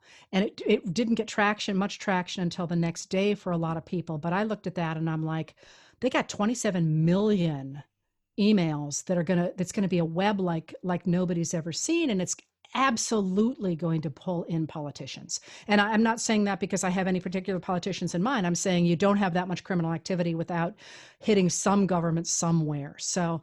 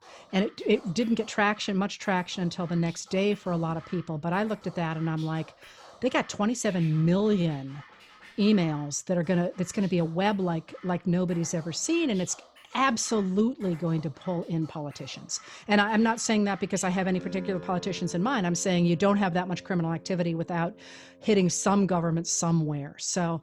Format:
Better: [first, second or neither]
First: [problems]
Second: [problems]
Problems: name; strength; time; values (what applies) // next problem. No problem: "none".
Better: first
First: none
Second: background music; faint; throughout; 20 dB below the speech